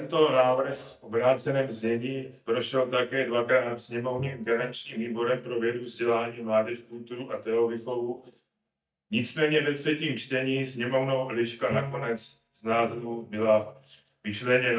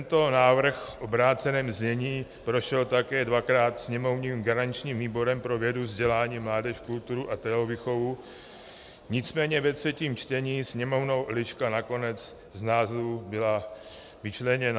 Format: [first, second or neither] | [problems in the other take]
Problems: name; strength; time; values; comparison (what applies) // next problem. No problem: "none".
second | noise reduction (neural mask model DeepFilterNet 3)